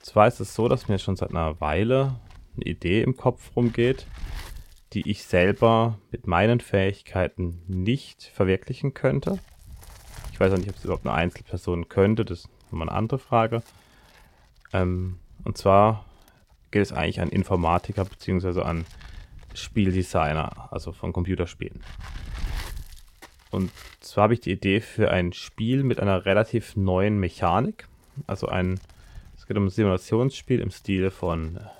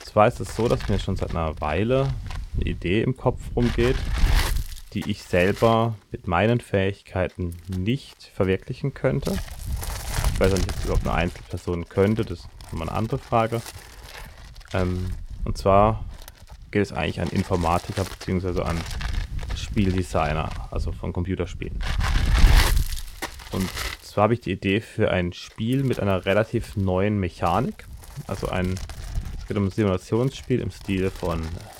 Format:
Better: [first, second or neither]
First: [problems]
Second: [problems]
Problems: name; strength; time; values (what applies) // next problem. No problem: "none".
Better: first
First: wind noise on the microphone; occasional gusts; 25 dB below the speech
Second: wind noise on the microphone; heavy; 9 dB below the speech